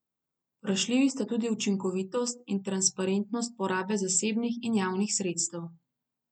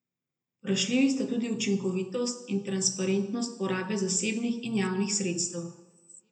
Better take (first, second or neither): first